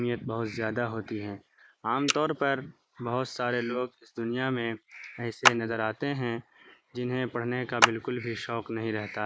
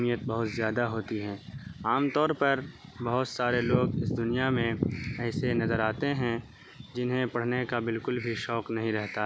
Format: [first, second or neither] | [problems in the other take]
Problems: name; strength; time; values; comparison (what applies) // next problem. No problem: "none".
second | noise reduction (neural mask model Resemble Enhance denoiser)